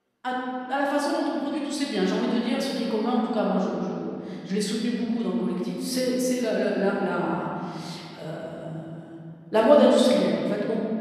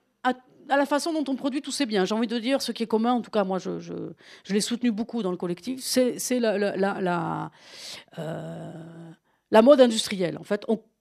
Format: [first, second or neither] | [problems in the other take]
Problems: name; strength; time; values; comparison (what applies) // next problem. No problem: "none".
second | off-mic speech; far // room echo; noticeable; dies away in 2.5 s